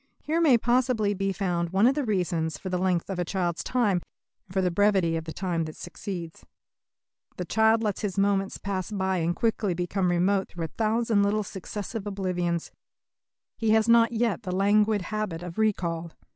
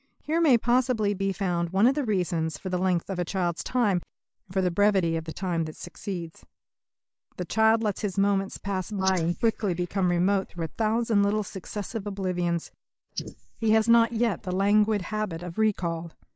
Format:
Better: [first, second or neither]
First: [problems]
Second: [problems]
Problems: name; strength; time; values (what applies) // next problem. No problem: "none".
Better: first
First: none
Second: noise reduction (neural mask model Resemble Enhance denoiser)